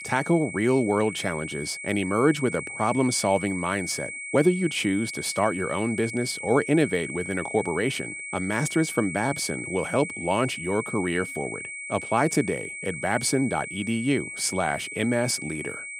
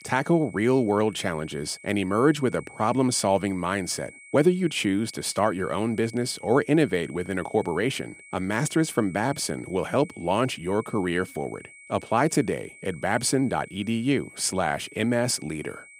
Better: second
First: high-pitched whine; loud; throughout; 2 kHz, 8 dB below the speech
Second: high-pitched whine; faint; throughout; 2 kHz, 20 dB below the speech

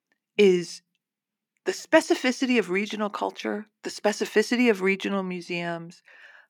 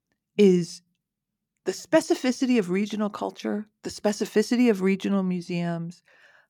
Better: second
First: thin; very slightly; fading below 300 Hz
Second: none

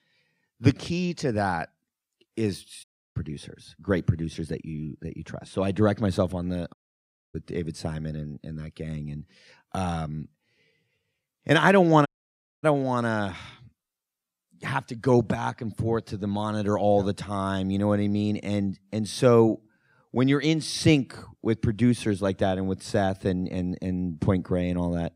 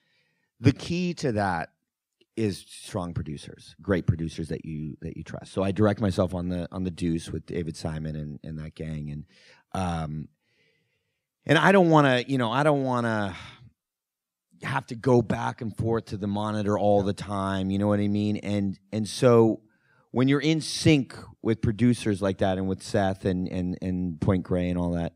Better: second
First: audio cutting out; at 3 s, at 6.5 s for 0.5 s and at 12 s for 0.5 s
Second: none

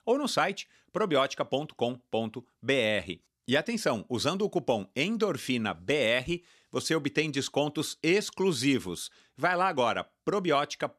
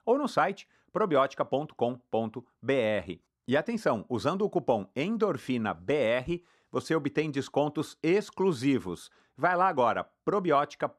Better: first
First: none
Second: muffled; slightly; fading above 2 kHz

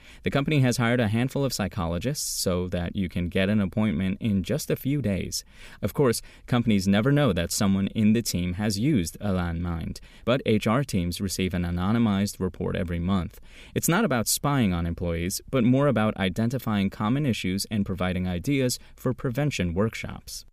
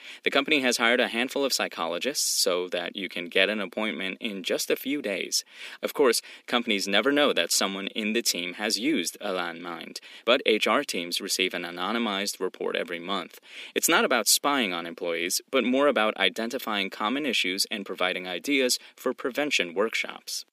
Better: first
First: none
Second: thin; somewhat; fading below 300 Hz

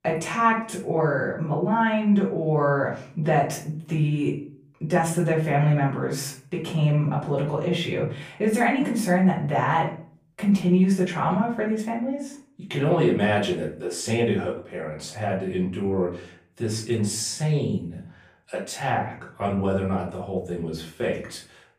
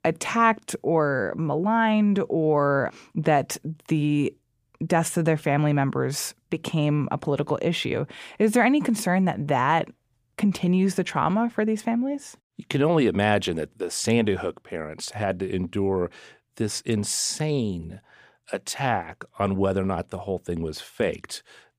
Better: second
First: off-mic speech; far // room echo; slight; dies away in 0.4 s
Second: none

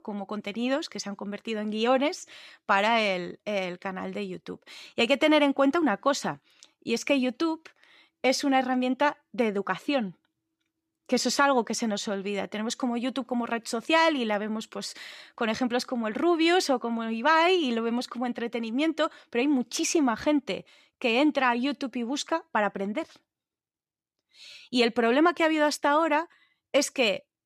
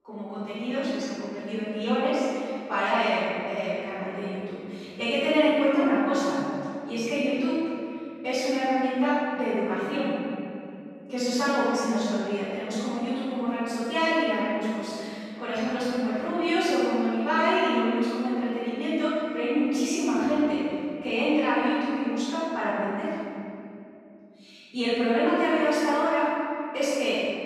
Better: first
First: none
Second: off-mic speech; far // room echo; strong; dies away in 2.8 s

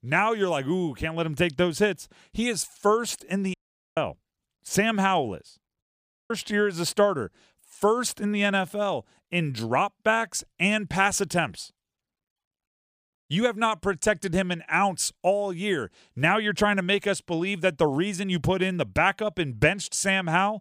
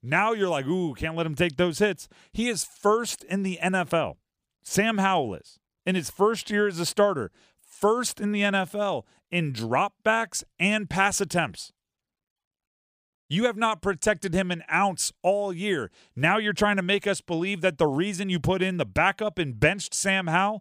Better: second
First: audio cutting out; at 3.5 s and at 6 s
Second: none

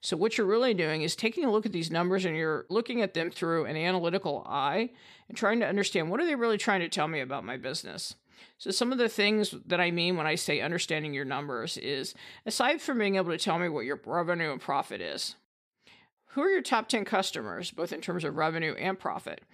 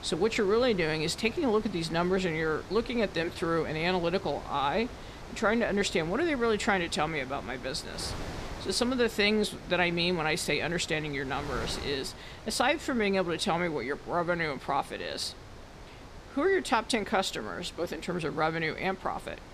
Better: first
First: none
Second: wind noise on the microphone; occasional gusts; 15 dB below the speech

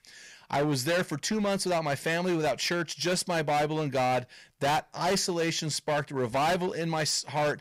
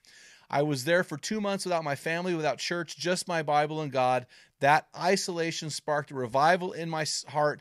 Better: second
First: distortion; heavy; 17% of the sound clipped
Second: none

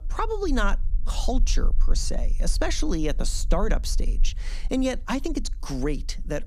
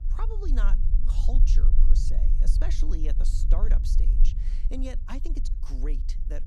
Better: first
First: low rumble; faint; throughout; 25 dB below the speech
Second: low rumble; loud; throughout; 7 dB below the speech

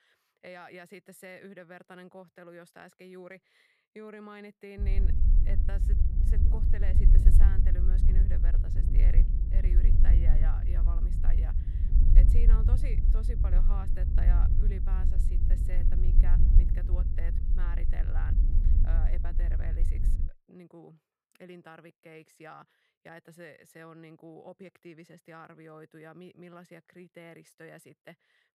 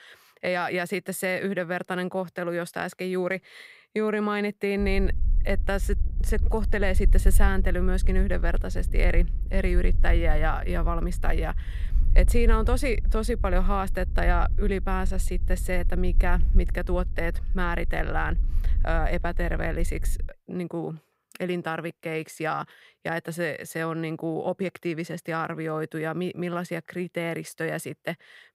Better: second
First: low rumble; loud; from 5 to 20 s; as loud as the speech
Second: low rumble; faint; from 5 to 20 s; 20 dB below the speech

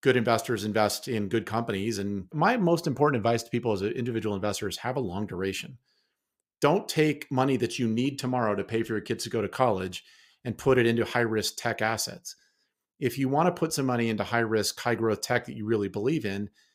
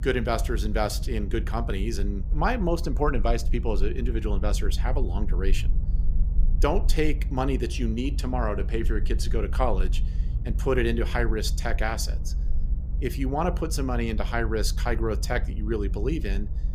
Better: first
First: none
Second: low rumble; noticeable; throughout; 20 dB below the speech

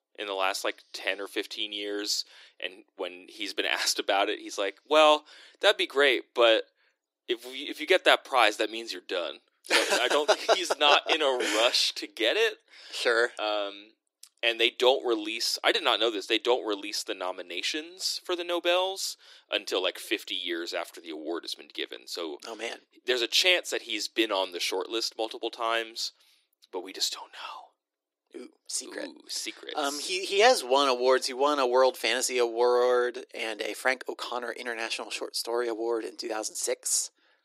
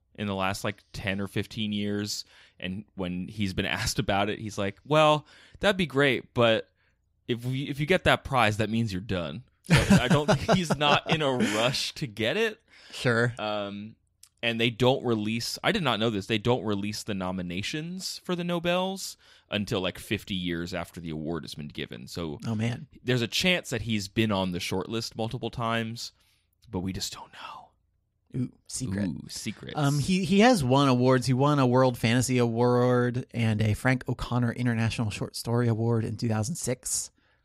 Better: second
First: thin; very; fading below 300 Hz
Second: none

